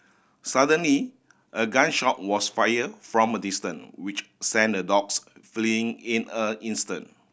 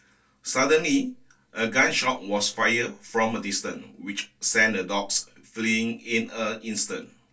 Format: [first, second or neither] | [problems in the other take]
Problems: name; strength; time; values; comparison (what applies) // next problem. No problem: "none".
first | room echo; dies away in 0.2 s